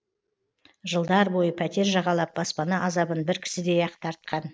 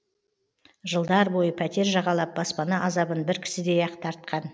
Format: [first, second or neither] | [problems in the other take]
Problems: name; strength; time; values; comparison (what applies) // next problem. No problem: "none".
second | noise reduction (neural mask model Resemble Enhance denoiser)